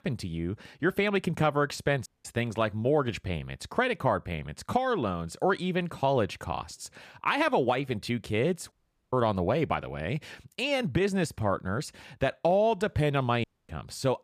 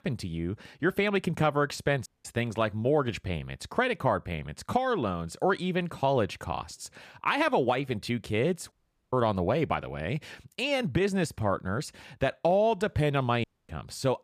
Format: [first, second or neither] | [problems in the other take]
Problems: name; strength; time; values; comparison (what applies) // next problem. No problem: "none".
neither | audio cutting out; at 2 s, at 8.5 s and at 13 s; the same in both